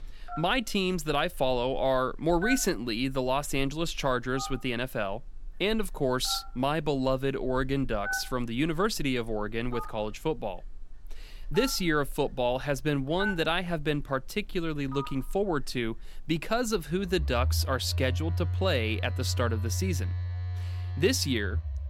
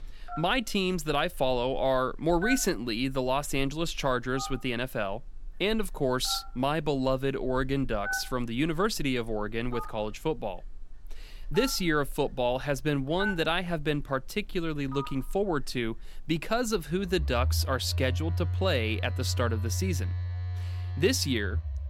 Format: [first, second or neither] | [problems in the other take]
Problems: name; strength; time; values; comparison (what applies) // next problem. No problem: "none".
neither | alarms or sirens; loud; throughout; 5 dB below the speech; the same in both